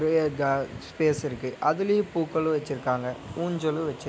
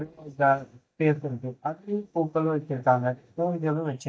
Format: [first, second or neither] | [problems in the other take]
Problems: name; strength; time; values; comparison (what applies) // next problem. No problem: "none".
first | noise reduction (neural mask model DeepFilterNet 3)